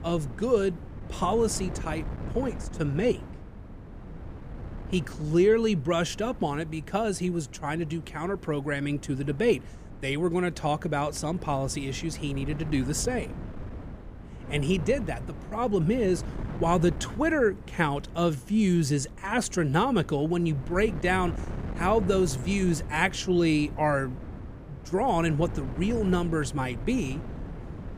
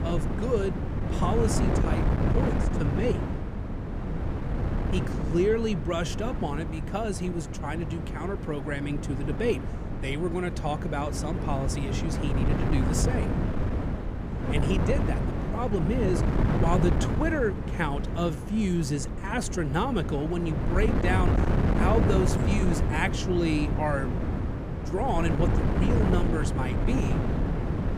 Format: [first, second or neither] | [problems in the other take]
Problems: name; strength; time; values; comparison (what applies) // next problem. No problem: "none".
first | wind noise on the microphone; heavy; 3 dB below the speech; occasional gusts in the first